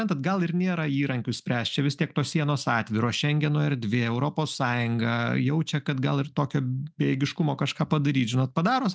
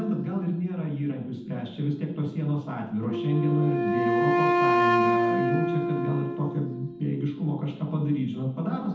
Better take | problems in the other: first | background sound (Wind instrument, woodwind instrument); as loud as the speech // room echo; dies away in 0.8 s

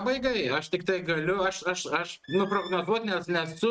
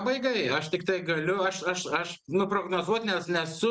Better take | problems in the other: second | noise reduction (neural mask model RNNoise)

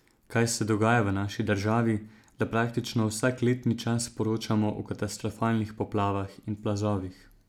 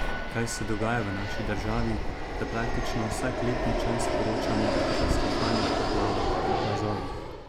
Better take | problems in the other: first | background sound (Fixed-wing aircraft, airplane); 4 dB above the speech

